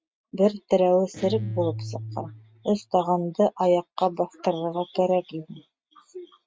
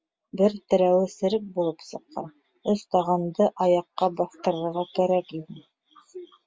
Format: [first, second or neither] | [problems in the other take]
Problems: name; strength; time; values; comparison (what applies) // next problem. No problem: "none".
second | noise reduction (neural mask model RNNoise)